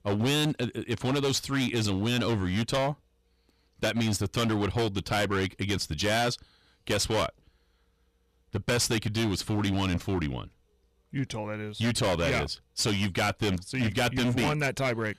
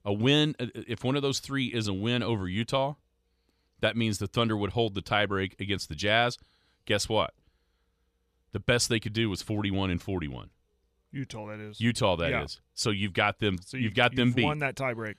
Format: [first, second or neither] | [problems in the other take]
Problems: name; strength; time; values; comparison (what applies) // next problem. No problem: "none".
second | distortion; heavy; 16% of the sound clipped